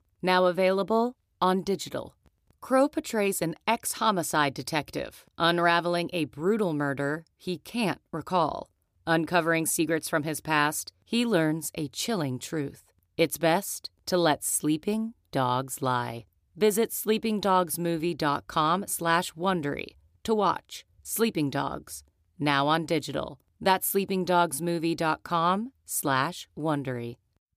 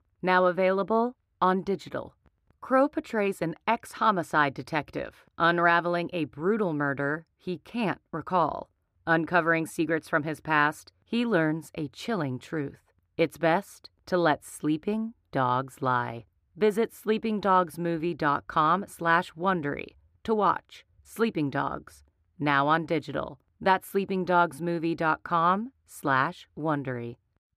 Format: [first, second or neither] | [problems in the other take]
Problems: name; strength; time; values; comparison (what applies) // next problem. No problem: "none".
first | muffled; slightly; fading above 4 kHz